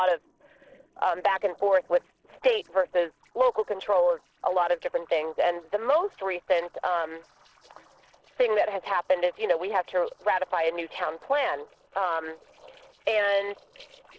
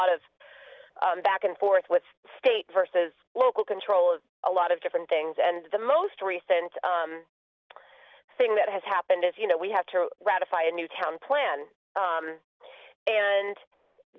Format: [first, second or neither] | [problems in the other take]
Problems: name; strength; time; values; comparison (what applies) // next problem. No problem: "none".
second | noise reduction (neural separator model SepFormer DNS4)